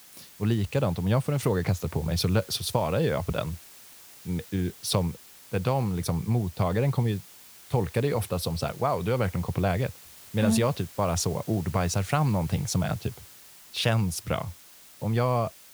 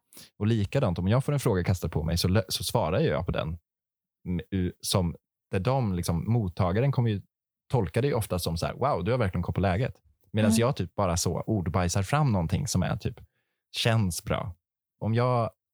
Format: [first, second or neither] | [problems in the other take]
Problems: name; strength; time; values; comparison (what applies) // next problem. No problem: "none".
second | hiss; noticeable; throughout; 20 dB below the speech